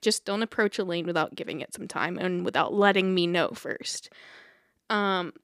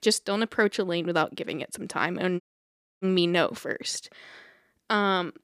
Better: first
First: none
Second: audio cutting out; at 2.5 s for 0.5 s

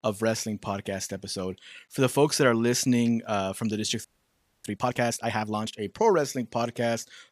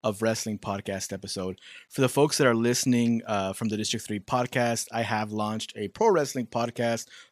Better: second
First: audio freezing; at 4 s for 0.5 s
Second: none

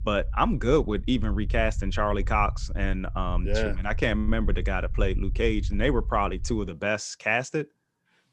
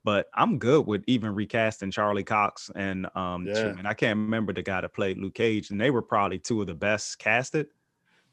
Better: second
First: low rumble; faint; until 6.5 s; 25 dB below the speech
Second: none

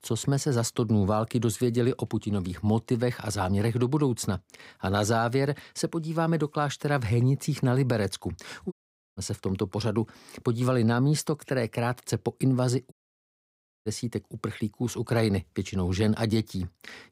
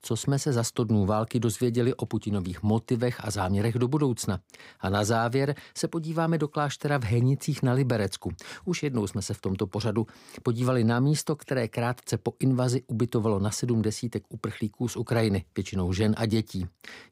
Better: second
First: audio cutting out; at 8.5 s and at 13 s for 1 s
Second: none

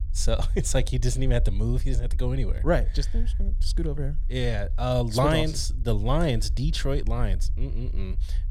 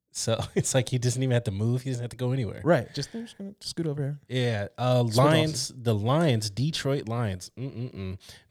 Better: second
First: low rumble; faint; throughout; 25 dB below the speech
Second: none

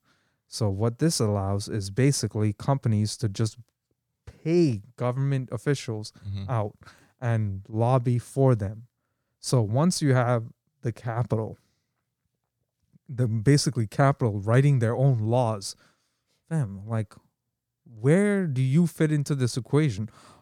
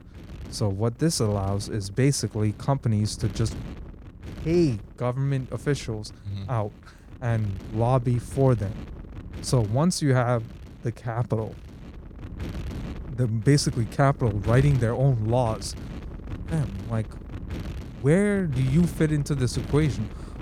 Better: first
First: none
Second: wind noise on the microphone; occasional gusts; 15 dB below the speech

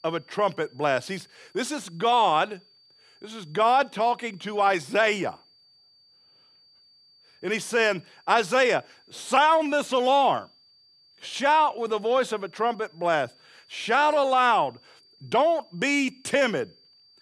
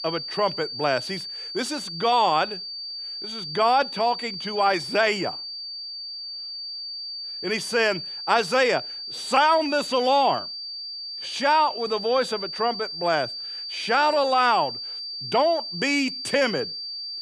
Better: first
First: high-pitched whine; faint; throughout; 4.5 kHz, 30 dB below the speech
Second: high-pitched whine; loud; throughout; 4.5 kHz, 8 dB below the speech

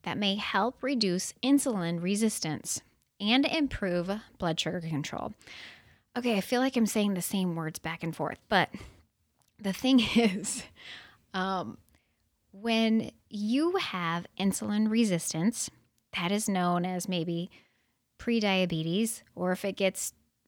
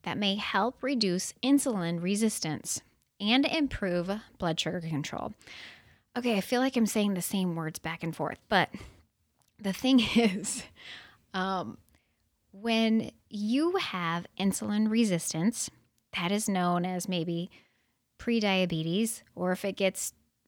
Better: neither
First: none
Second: none

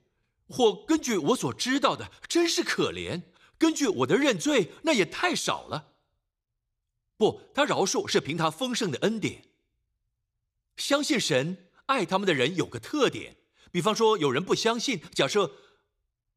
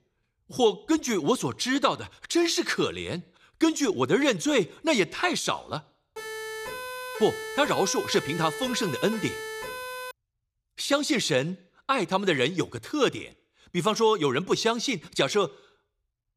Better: first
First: none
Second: siren; noticeable; from 6 to 10 s; peak 9 dB below the speech

